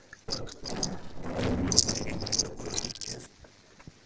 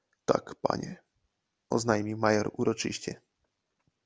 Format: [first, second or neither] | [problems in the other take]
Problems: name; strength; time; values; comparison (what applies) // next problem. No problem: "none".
second | noise reduction (neural separator model SepFormer DNS4)